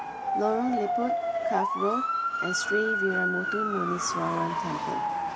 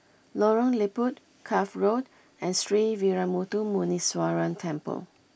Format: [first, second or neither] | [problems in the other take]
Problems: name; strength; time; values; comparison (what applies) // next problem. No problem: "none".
second | background sound (Motor vehicle (road) / Siren); 2 dB above the speech